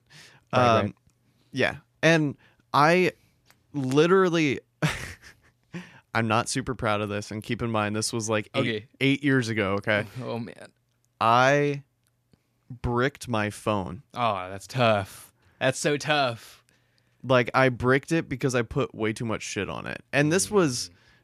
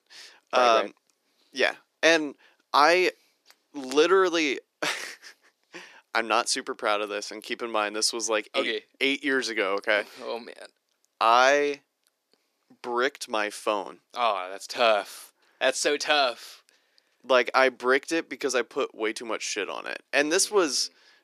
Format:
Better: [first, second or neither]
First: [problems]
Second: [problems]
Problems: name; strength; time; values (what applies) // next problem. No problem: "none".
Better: first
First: none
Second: thin; somewhat; fading below 350 Hz